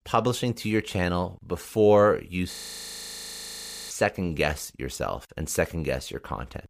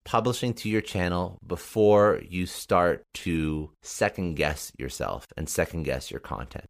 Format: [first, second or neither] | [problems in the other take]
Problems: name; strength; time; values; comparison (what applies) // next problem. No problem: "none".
second | audio freezing; at 2.5 s for 1.5 s